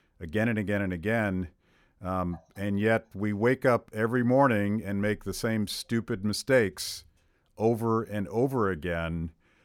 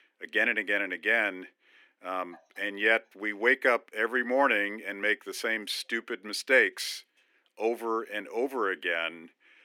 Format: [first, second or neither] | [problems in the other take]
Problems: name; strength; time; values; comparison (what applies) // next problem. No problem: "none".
first | thin; somewhat; fading below 300 Hz